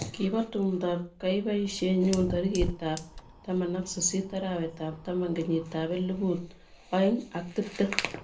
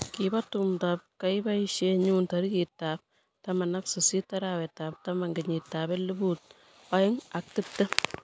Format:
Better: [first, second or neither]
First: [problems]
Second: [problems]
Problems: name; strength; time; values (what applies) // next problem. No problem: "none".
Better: second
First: background sound (Fire); 13 dB below the speech // room echo; dies away in 0.3 s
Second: none